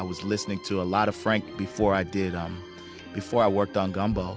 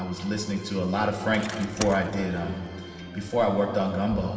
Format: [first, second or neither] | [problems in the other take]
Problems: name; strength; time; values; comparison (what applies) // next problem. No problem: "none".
first | background sound (Bicycle); 14 dB below the speech // room echo; dies away in 2.6 s